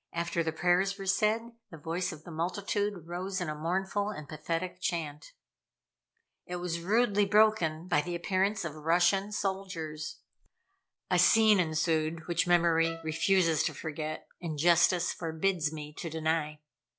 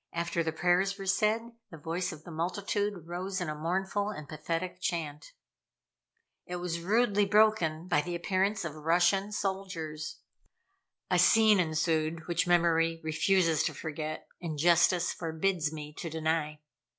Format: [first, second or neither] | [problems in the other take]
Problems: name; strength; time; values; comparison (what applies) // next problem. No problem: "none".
second | background sound (Bowed string instrument); 18 dB below the speech